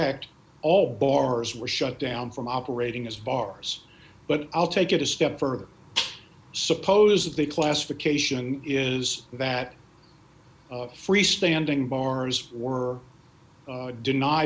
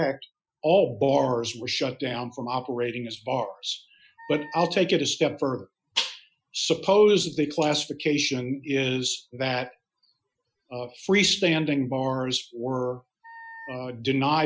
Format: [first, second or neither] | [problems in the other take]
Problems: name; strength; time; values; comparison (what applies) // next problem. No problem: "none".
first | noise reduction (classical method Wiener filter)